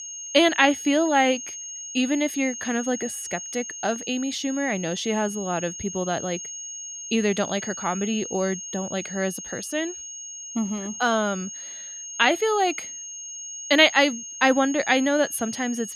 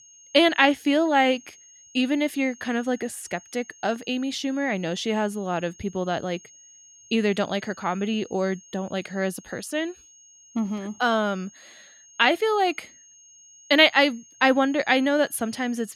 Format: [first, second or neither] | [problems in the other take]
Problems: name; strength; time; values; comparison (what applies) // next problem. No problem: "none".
second | high-pitched whine; loud; throughout; 6.5 kHz, 10 dB below the speech; faint in the second